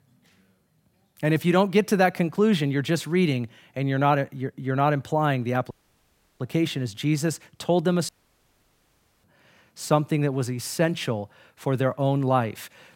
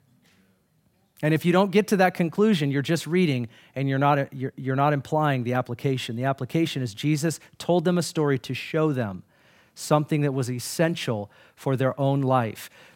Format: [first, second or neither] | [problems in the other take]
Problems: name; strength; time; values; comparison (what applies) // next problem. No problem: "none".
second | audio cutting out; at 5.5 s for 0.5 s and at 8 s for 1 s